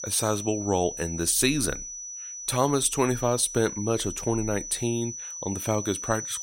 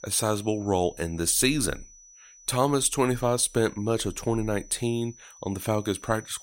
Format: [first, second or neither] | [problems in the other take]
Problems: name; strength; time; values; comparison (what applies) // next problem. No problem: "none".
second | high-pitched whine; loud; throughout; 6 kHz, 8 dB below the speech; faint in the second